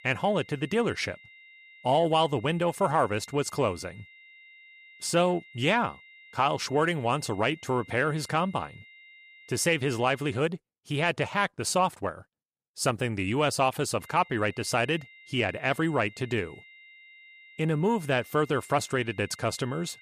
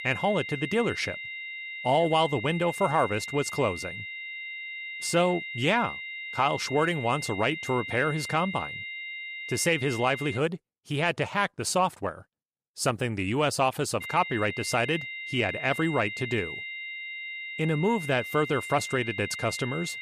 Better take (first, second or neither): first